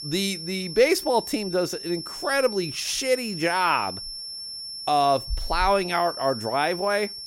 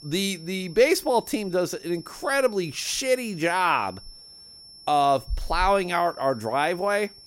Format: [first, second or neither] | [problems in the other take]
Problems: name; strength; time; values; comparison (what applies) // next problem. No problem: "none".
second | high-pitched whine; loud; throughout; 5.5 kHz, 9 dB below the speech; faint in the second